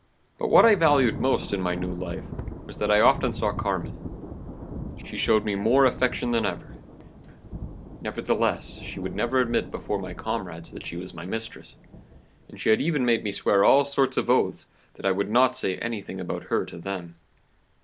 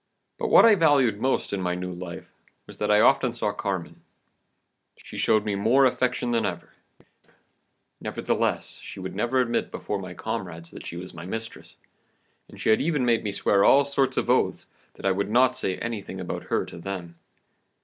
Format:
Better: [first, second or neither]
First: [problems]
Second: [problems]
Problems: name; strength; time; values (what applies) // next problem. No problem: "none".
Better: second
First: background sound (Thunder / Rain); 13 dB below the speech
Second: none